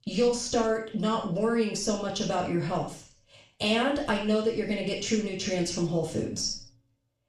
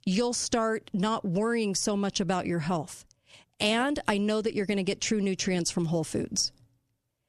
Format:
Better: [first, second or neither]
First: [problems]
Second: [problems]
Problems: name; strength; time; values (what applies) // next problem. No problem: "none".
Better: second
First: room echo; noticeable; dies away in 0.4 s // off-mic speech; far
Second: none